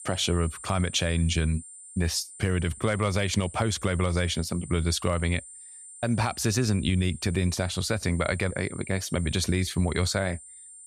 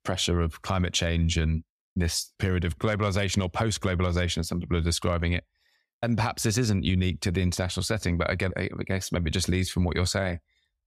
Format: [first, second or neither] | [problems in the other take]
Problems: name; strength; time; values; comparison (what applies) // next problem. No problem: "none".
second | high-pitched whine; noticeable; throughout; 9 kHz, 15 dB below the speech